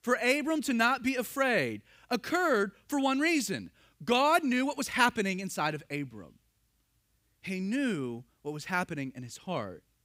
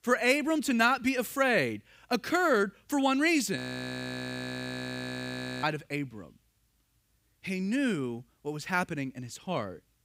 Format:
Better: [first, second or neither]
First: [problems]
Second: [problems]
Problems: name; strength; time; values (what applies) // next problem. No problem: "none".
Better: first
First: none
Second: audio freezing; at 3.5 s for 2 s